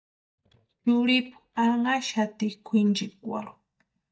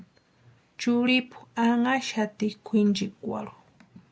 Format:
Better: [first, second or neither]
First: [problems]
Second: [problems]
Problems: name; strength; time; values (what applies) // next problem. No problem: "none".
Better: second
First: noise reduction (neural mask model DeepFilterNet 3)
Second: none